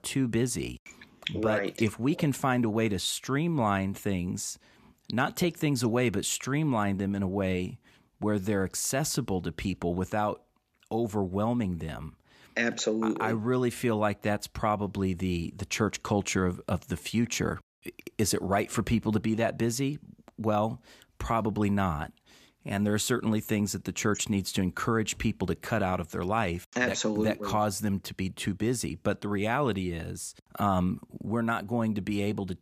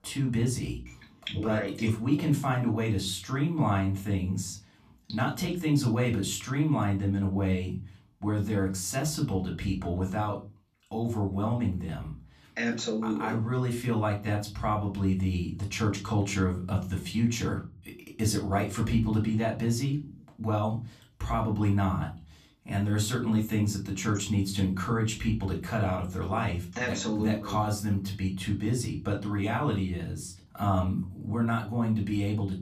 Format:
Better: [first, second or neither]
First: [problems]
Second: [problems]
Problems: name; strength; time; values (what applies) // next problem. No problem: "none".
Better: first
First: none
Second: off-mic speech; far // room echo; very slight; dies away in 0.3 s